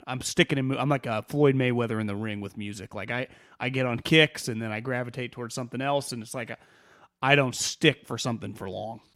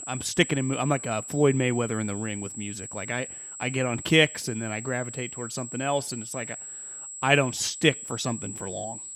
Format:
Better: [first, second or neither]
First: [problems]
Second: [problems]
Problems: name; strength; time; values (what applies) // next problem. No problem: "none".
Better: first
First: none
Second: high-pitched whine; loud; throughout; 7.5 kHz, 9 dB below the speech